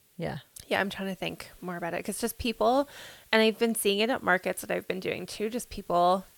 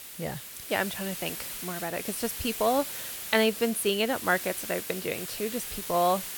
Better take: first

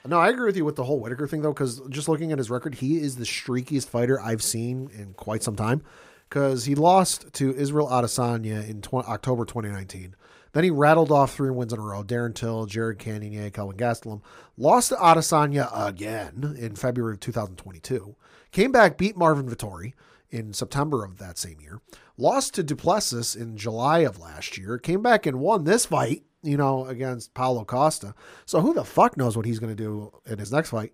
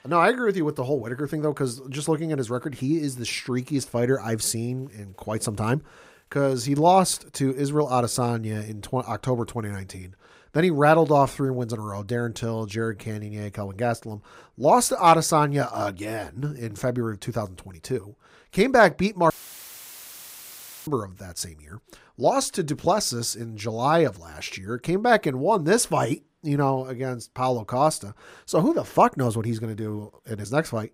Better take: first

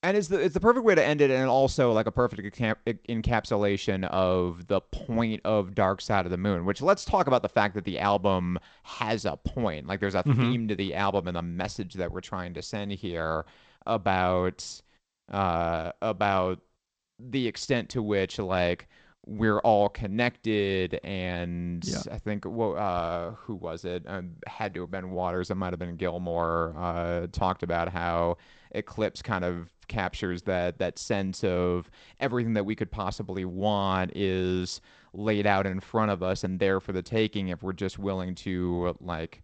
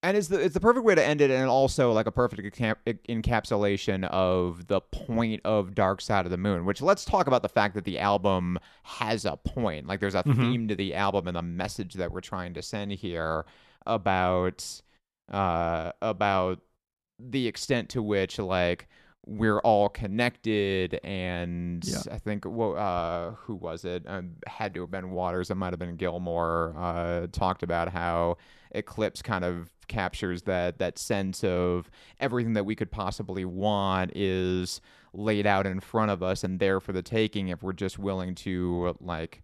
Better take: second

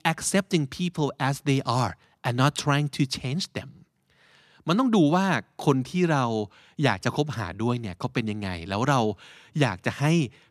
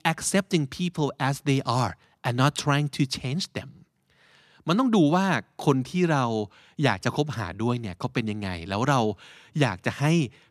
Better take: neither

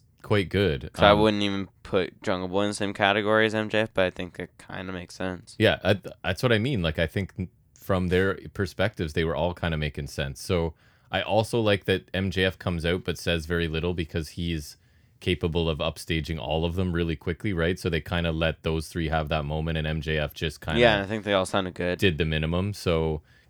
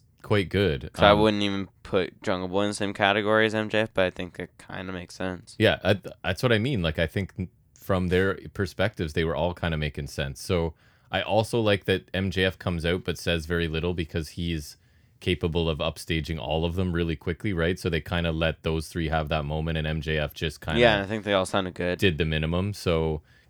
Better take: neither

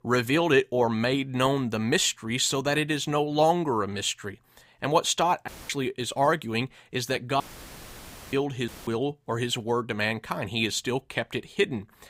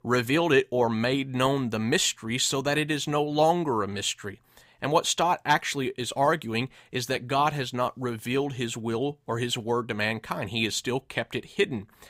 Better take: second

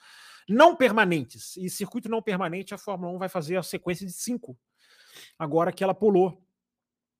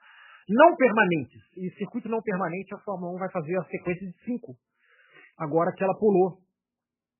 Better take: first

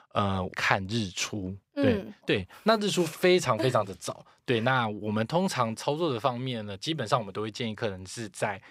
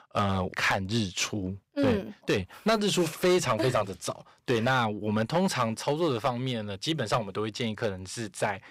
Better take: first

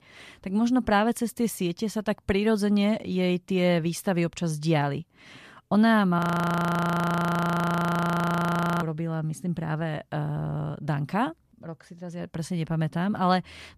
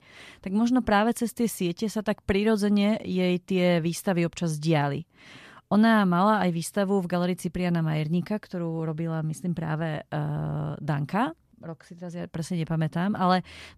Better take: second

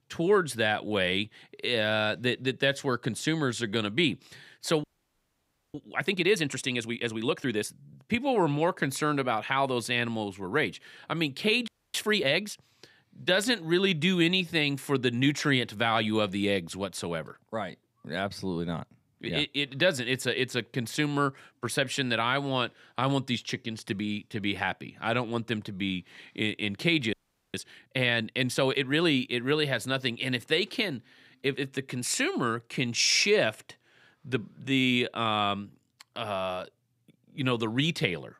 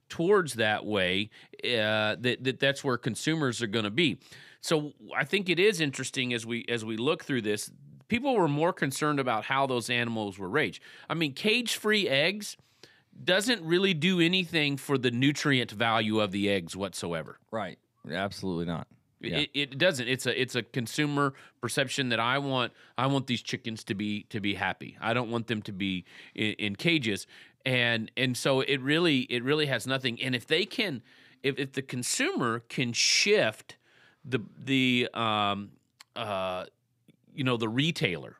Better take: second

